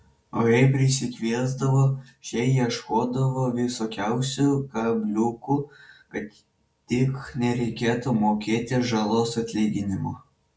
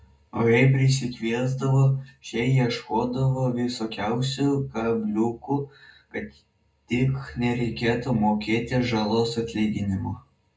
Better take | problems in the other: first | room echo; dies away in 0.2 s

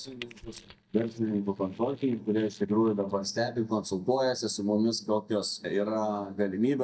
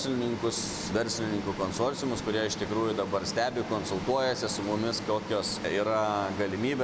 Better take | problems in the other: second | noise reduction (neural mask model DeepFilterNet 3)

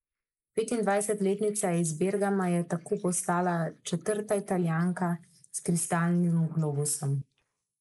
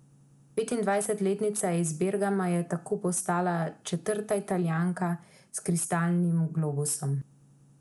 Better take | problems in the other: second | noise reduction (neural mask model Resemble Enhance denoiser)

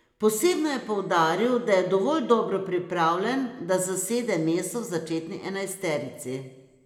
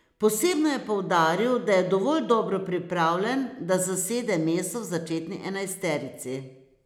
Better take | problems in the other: second | room echo; dies away in 0.9 s

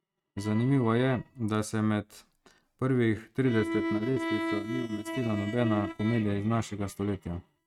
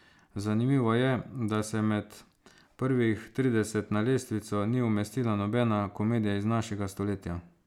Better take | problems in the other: second | noise reduction (neural mask model RNNoise)

